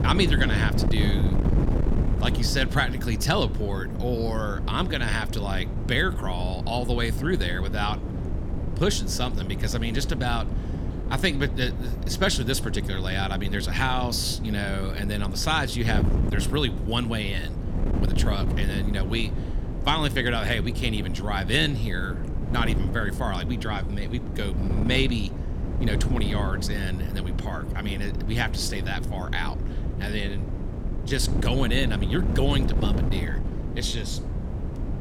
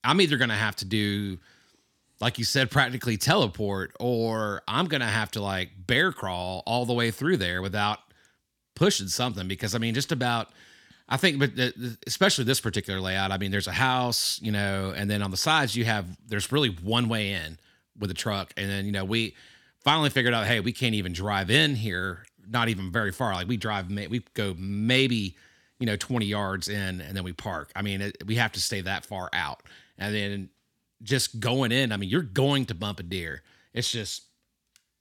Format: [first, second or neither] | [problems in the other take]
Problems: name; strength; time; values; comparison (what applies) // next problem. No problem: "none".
second | wind noise on the microphone; heavy; 10 dB below the speech